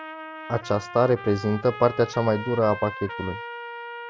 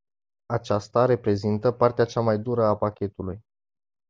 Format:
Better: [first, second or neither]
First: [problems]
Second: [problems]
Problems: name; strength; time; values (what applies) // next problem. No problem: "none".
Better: second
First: background sound (Trumpet); 12 dB below the speech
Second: none